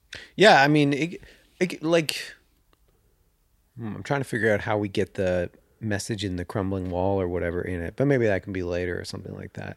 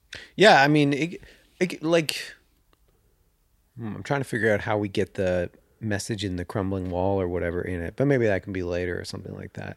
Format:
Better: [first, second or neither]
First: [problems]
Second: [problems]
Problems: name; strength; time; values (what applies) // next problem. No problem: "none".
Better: neither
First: none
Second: none